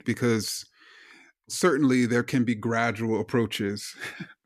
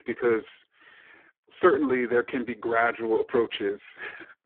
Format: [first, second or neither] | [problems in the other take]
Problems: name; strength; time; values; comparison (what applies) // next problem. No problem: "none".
first | phone-call audio; poor line